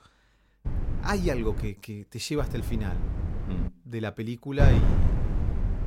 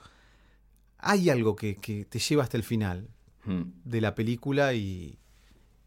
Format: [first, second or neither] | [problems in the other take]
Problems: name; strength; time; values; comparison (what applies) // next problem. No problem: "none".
second | wind noise on the microphone; heavy; from 0.5 to 1.5 s, from 2.5 to 3.5 s and from 4.5 s on; 6 dB below the speech